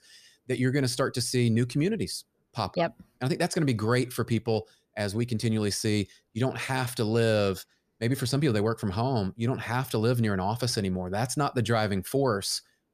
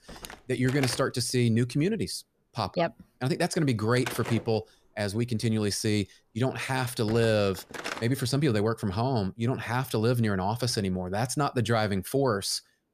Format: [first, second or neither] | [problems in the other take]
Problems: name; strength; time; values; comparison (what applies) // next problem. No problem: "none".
first | door banging; noticeable; until 8 s; peak 8 dB below the speech